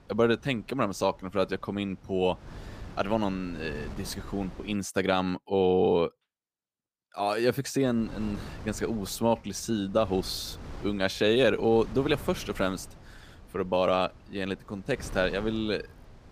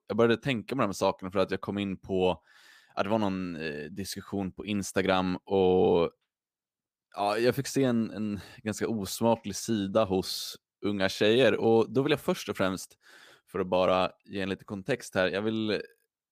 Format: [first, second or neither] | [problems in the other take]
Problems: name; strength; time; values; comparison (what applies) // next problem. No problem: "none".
second | wind noise on the microphone; occasional gusts; until 4.5 s and from 8 s on; 20 dB below the speech